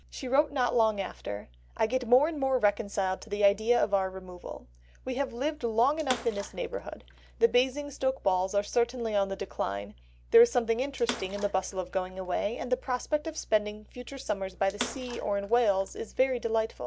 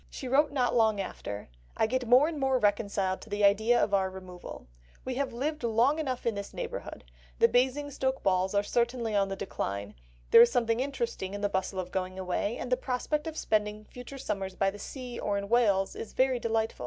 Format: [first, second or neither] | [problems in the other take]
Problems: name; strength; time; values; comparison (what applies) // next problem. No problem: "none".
second | background sound (Bathtub (filling or washing) / Water / Splash, splatter); 15 dB below the speech